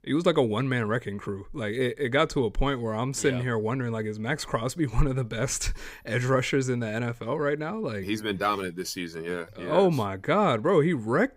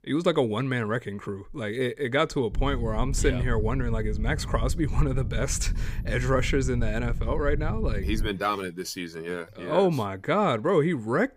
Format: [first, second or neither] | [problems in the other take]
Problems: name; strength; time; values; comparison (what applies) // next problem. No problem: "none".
first | low rumble; noticeable; from 2.5 to 8.5 s; 20 dB below the speech